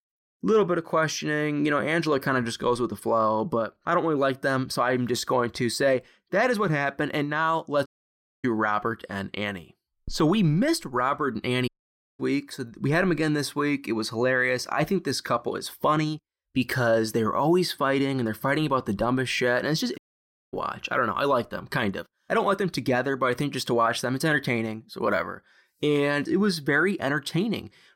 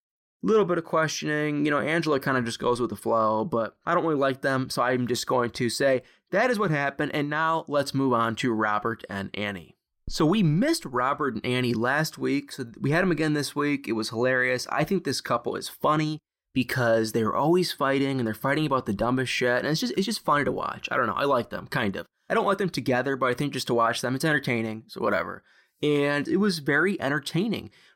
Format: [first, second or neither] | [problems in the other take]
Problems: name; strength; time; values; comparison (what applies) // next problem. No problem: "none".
second | audio cutting out; at 8 s for 0.5 s, at 12 s for 0.5 s and at 20 s for 0.5 s